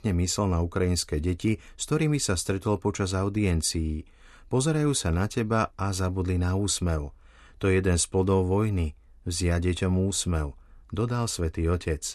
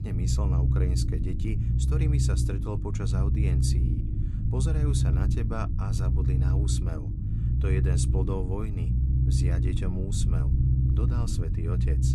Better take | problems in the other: first | low rumble; loud; throughout; 1 dB below the speech

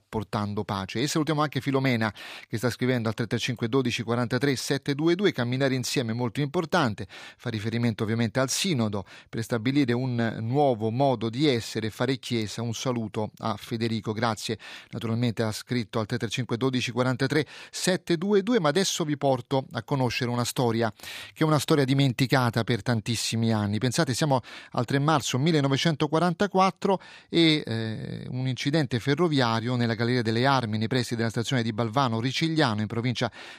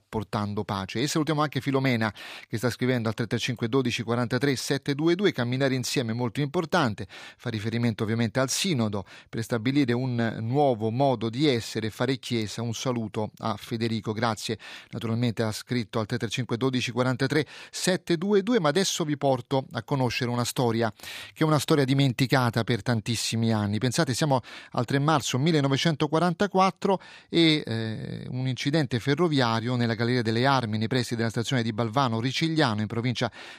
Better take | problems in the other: neither | none

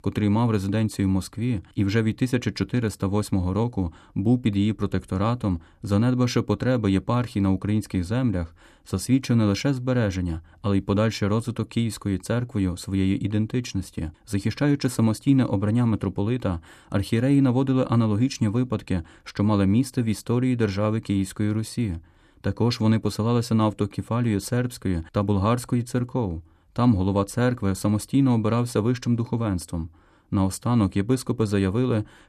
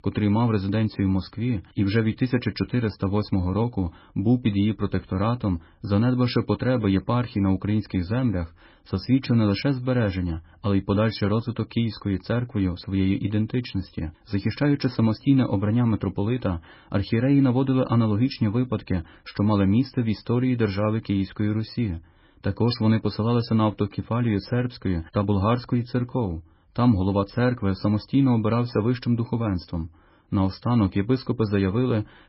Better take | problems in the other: first | garbled, watery; badly; nothing above 5.5 kHz

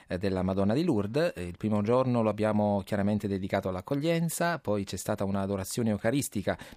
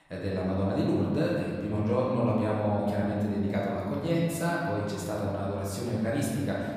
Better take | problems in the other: first | room echo; noticeable; dies away in 2.1 s // off-mic speech; far

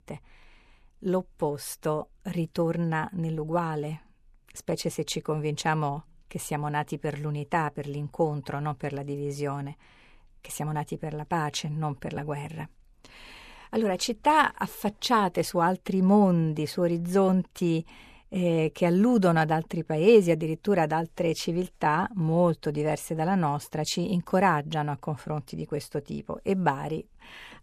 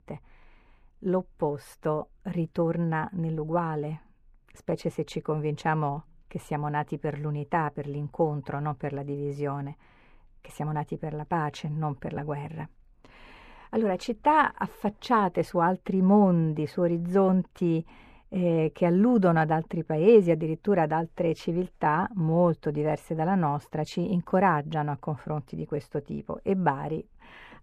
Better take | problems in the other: first | muffled; slightly; fading above 3 kHz

